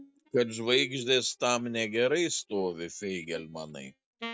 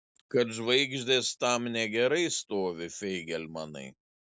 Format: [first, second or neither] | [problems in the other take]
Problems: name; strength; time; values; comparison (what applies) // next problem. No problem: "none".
second | noise reduction (neural mask model DeepFilterNet 3)